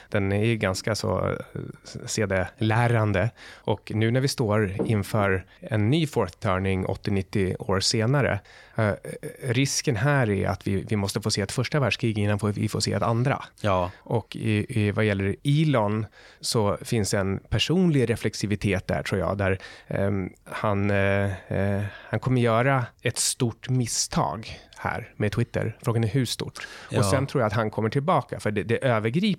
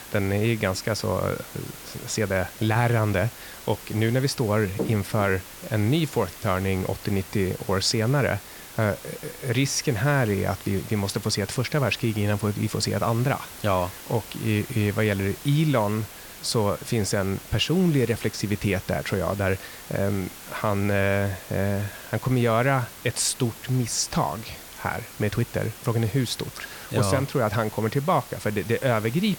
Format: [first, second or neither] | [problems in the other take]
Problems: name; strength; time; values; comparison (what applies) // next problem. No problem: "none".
first | hiss; noticeable; throughout; 15 dB below the speech